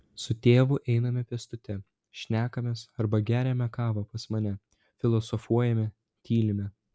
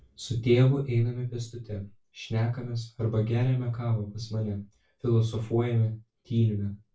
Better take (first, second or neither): first